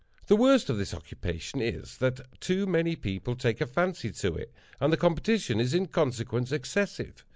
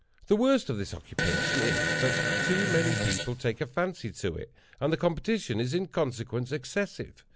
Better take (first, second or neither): first